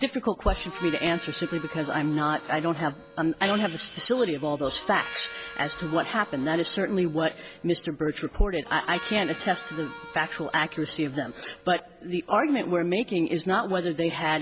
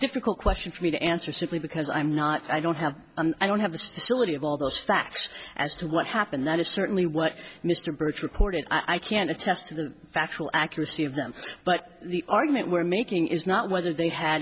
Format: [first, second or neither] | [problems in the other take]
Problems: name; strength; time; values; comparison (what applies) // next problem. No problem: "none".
second | background sound (Harmonica + Hi-hat); 15 dB below the speech